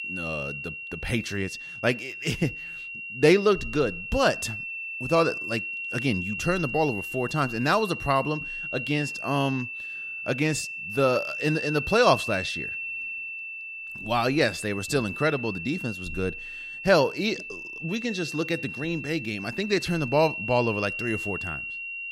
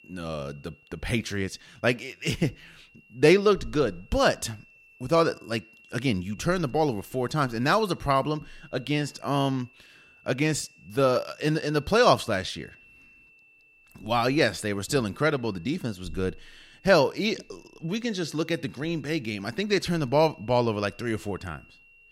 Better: second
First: high-pitched whine; loud; throughout; 2.5 kHz, 6 dB below the speech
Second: high-pitched whine; faint; throughout; 2.5 kHz, 30 dB below the speech

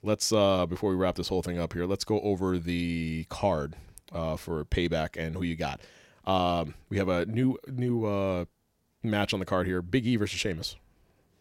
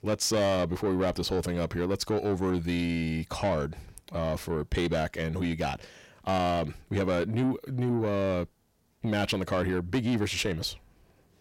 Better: first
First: none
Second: distortion; slight; 10 dB below the speech

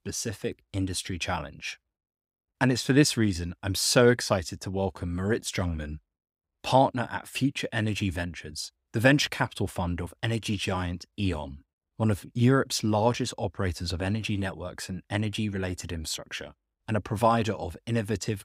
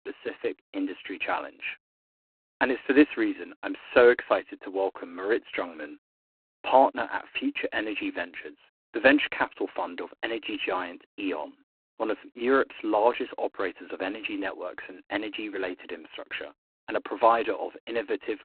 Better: first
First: none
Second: phone-call audio; poor line; nothing above 4 kHz

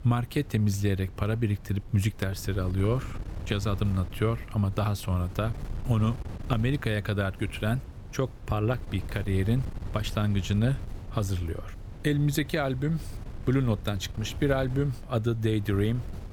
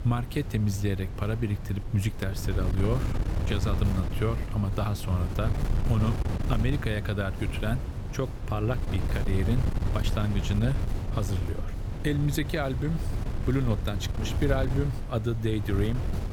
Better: first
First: wind noise on the microphone; occasional gusts; 15 dB below the speech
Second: wind noise on the microphone; heavy; 7 dB below the speech

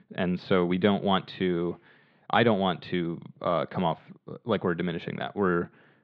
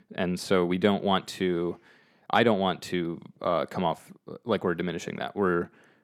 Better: second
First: muffled; slightly; fading above 4 kHz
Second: none

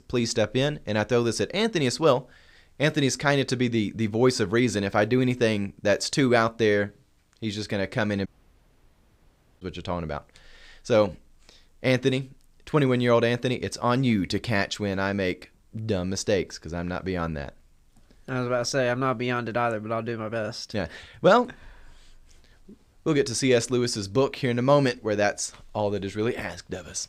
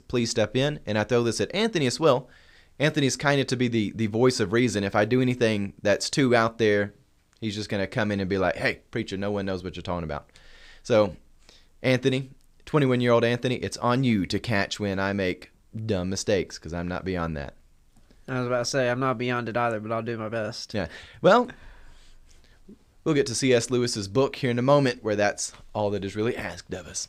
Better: second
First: audio cutting out; at 8.5 s for 1.5 s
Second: none

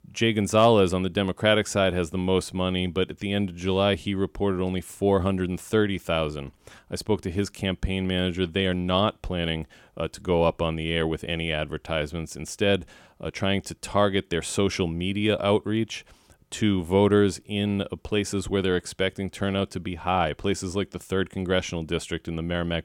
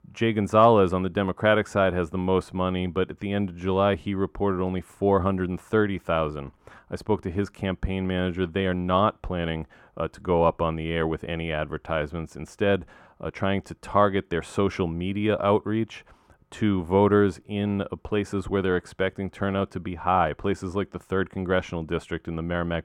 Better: first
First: none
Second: muffled; slightly; fading above 2.5 kHz

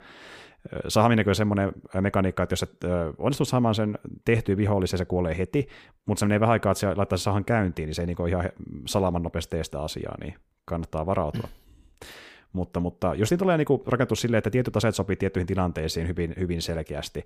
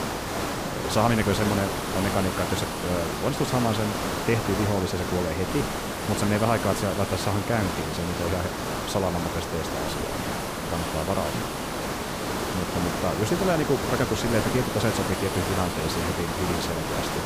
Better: first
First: none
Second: hiss; loud; throughout; 1 dB below the speech

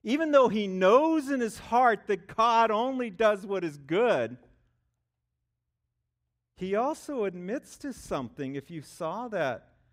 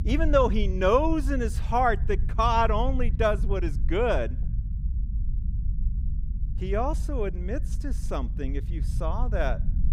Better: first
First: none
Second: low rumble; faint; throughout; 20 dB below the speech

